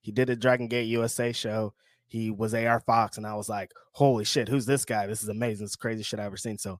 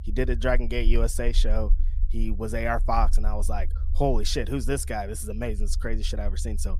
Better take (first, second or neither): first